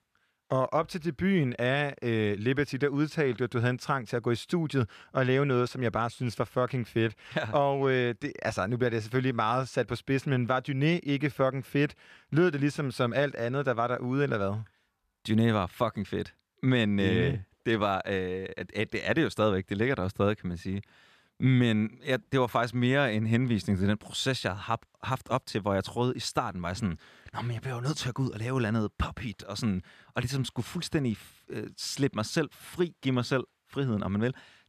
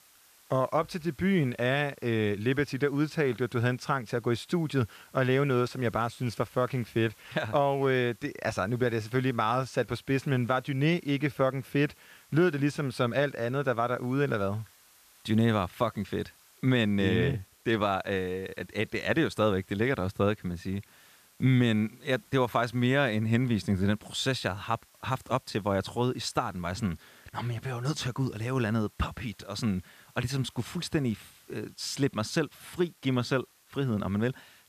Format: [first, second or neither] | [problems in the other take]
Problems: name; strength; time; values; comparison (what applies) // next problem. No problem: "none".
first | hiss; faint; throughout; 30 dB below the speech